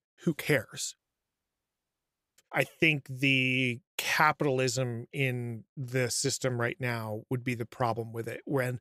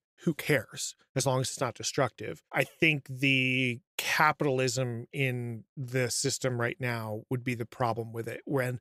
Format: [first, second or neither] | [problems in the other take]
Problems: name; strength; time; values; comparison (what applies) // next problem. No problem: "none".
second | audio cutting out; at 1 s for 1.5 s